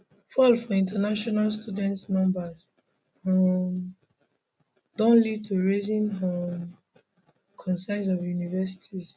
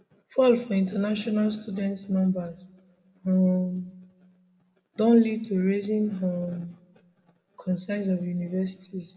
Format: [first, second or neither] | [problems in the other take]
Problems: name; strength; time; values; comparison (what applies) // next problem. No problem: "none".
first | room echo; dies away in 1.2 s